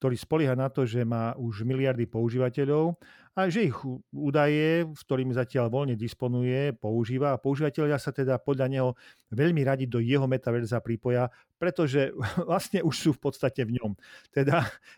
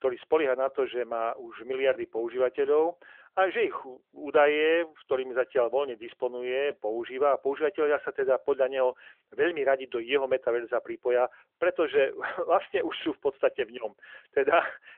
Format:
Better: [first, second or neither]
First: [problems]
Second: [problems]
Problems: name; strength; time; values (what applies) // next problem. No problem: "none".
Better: first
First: none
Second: phone-call audio; nothing above 3 kHz